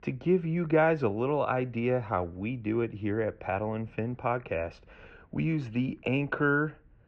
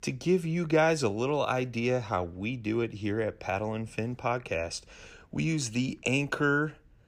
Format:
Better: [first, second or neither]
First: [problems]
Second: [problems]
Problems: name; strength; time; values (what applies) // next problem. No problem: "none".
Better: second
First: muffled; very; fading above 2 kHz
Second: none